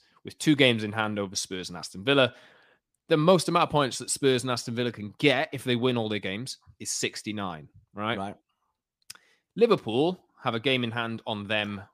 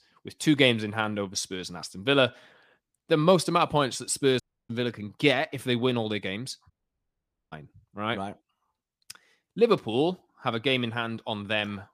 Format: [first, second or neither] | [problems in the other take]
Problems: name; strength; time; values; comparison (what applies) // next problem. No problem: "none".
first | audio cutting out; at 4.5 s and at 6.5 s for 1 s